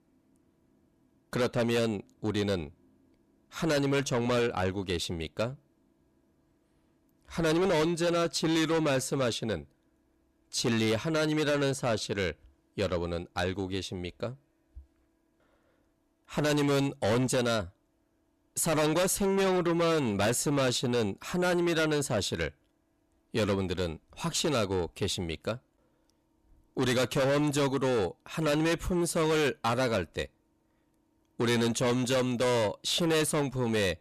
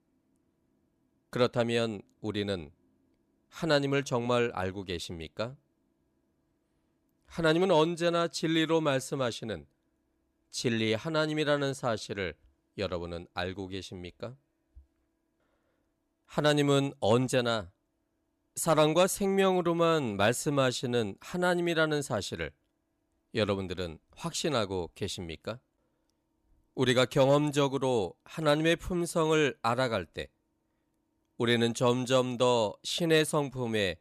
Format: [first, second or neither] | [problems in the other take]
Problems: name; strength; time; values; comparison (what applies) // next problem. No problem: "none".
second | distortion; heavy; 6 dB below the speech